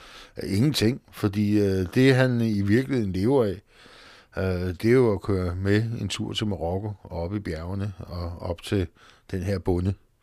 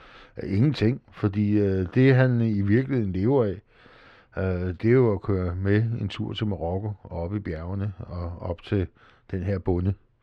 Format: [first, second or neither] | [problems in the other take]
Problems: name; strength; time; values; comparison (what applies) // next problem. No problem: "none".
first | muffled; slightly; fading above 2.5 kHz